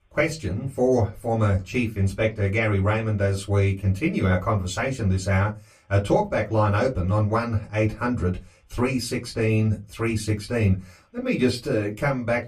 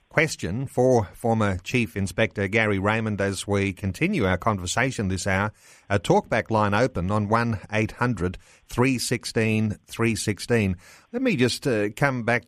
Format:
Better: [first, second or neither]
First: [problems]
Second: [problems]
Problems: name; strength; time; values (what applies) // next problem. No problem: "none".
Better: second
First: off-mic speech; far // room echo; very slight; dies away in 0.2 s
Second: none